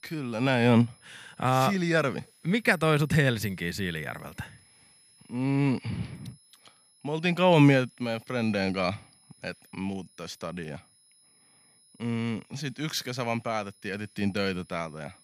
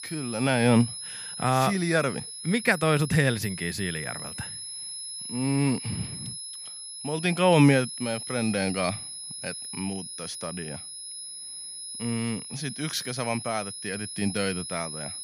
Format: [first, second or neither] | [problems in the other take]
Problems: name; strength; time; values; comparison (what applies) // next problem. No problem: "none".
first | high-pitched whine; loud; throughout; 10.5 kHz, 9 dB below the speech; faint in the first